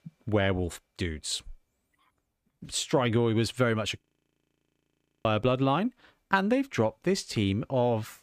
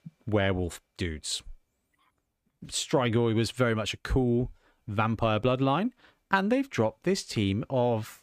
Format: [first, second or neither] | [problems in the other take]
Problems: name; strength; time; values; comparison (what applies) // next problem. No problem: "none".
second | audio freezing; at 4 s for 1 s